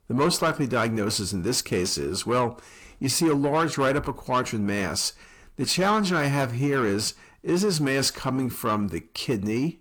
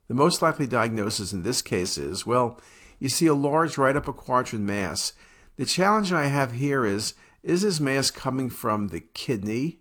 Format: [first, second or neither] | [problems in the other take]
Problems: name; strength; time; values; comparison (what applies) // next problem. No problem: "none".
second | distortion; slight; 10 dB below the speech